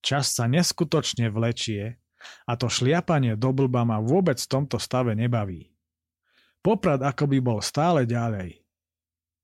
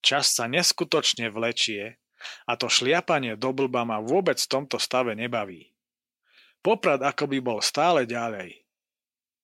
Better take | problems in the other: first | thin; somewhat; fading below 350 Hz

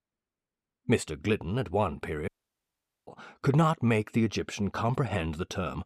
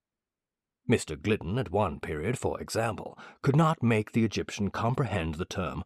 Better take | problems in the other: second | audio cutting out; at 2.5 s for 1 s

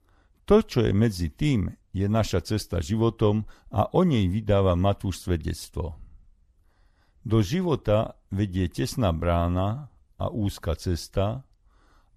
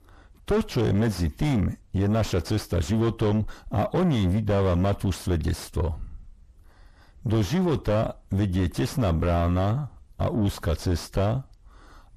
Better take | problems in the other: first | distortion; heavy; 7 dB below the speech

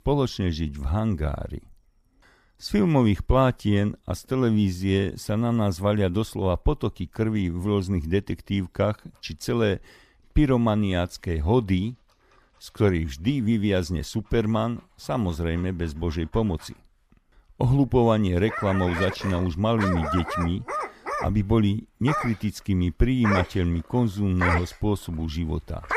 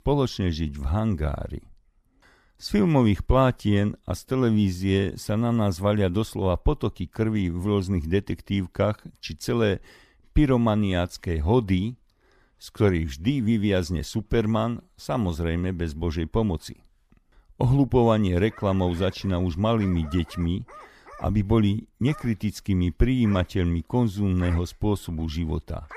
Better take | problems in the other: second | animal sounds; loud; throughout; 6 dB below the speech; faint in the second

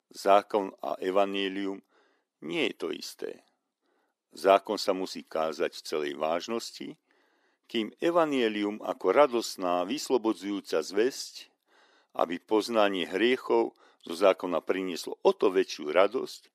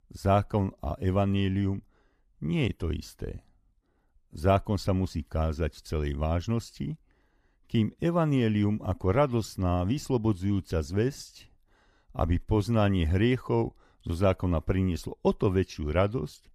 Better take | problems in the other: second | thin; somewhat; fading below 300 Hz

